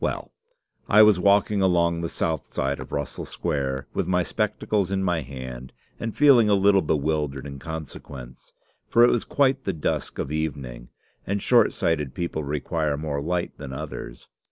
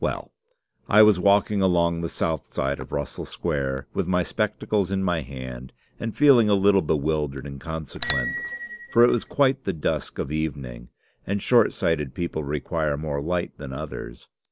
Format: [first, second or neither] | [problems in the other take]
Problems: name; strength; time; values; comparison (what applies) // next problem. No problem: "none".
first | background sound (Bicycle bell); 18 dB below the speech